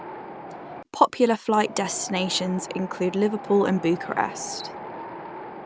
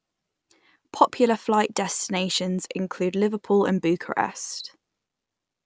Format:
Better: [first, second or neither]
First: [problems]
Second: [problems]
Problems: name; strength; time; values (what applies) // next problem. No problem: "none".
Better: second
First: background sound (Wind); 12 dB below the speech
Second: none